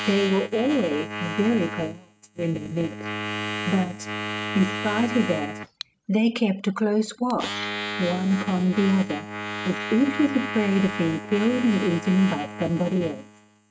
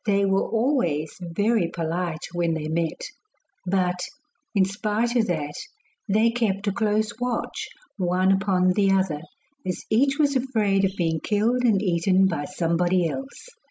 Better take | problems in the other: second | noise reduction (neural mask model RNNoise)

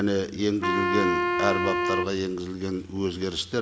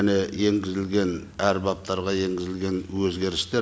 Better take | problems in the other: second | background sound (Wind instrument, woodwind instrument); as loud as the speech

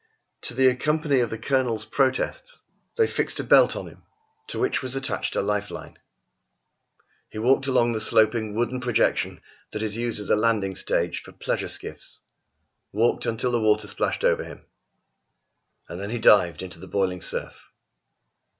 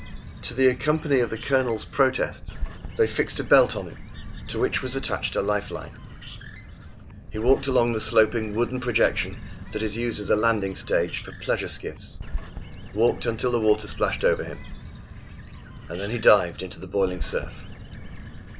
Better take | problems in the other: first | background sound (Bird); 10 dB below the speech

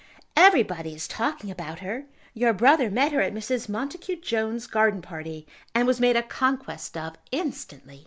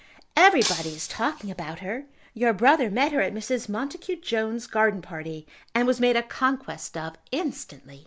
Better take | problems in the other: first | background sound (Shatter); 8 dB below the speech

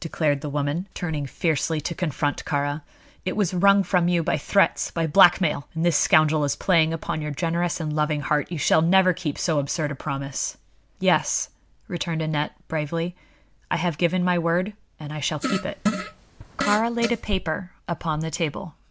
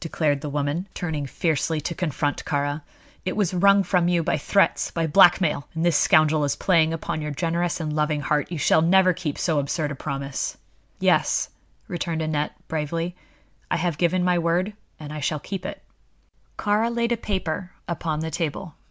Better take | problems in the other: second | background sound (Fart); 6 dB below the speech

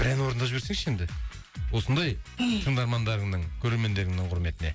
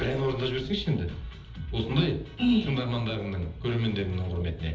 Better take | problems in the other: first | room echo; dies away in 1.2 s

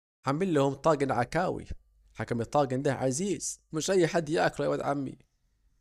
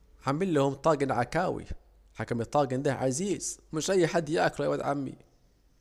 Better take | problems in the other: second | noise reduction (neural mask model DeepFilterNet 3)

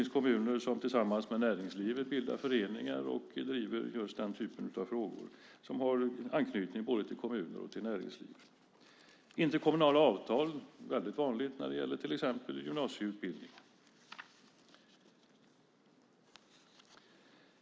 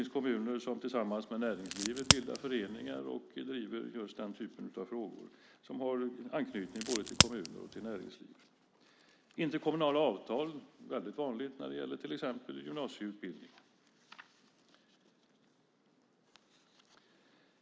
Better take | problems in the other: first | background sound (Crack); 5 dB above the speech

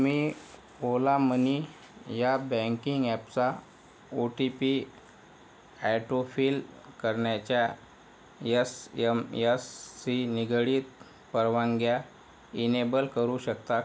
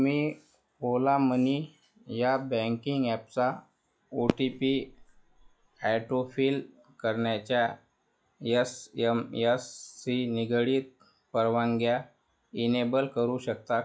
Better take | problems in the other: first | noise reduction (classical method log-MMSE)

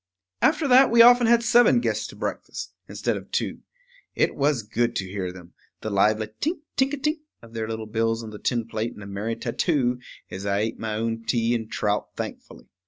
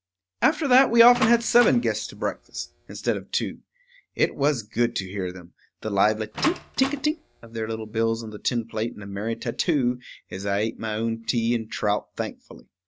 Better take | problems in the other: first | background sound (Door); 11 dB below the speech

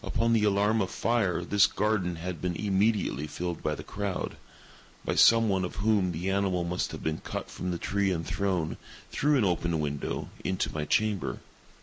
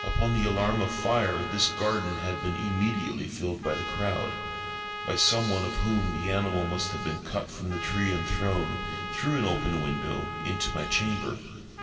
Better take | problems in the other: first | background sound (Trumpet); 7 dB below the speech // room echo; dies away in 2.4 s

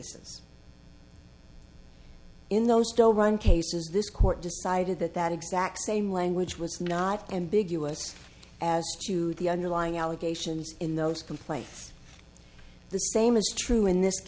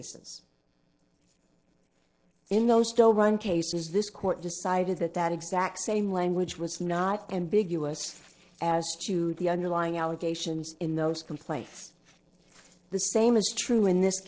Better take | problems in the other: first | noise reduction (neural separator model SepFormer DNS4)

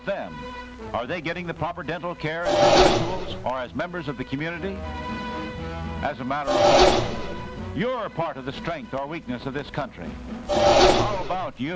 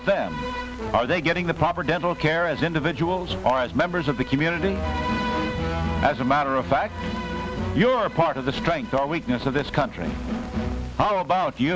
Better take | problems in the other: second | background sound (Engine); 5 dB above the speech

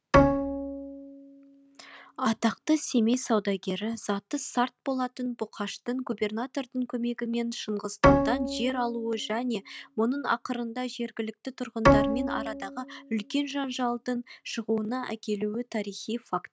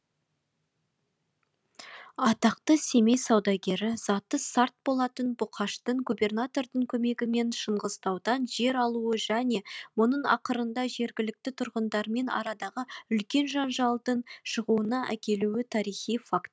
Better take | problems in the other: second | background sound (Bowed string instrument); 2 dB above the speech

